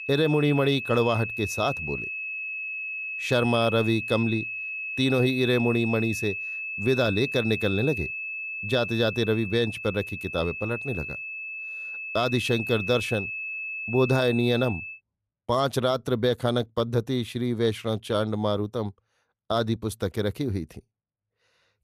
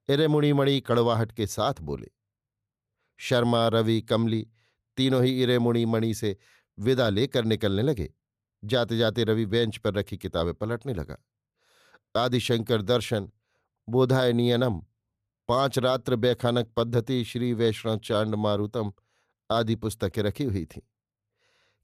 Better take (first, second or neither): second